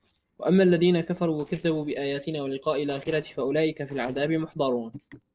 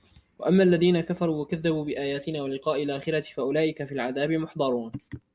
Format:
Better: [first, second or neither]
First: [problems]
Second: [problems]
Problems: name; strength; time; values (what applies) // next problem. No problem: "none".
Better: second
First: noise reduction (neural separator model SepFormer DNS4)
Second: none